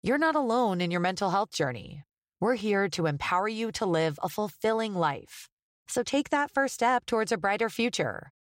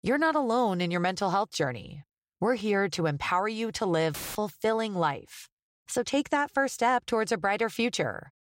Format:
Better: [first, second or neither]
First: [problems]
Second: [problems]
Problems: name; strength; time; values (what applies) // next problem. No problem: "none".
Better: first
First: none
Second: audio cutting out; filled with static; at 4 s